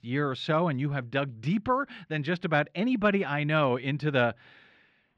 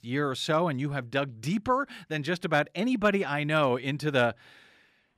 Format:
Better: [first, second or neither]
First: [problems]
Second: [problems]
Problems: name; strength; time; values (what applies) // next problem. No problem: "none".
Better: second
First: muffled; very slightly; fading above 3 kHz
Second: none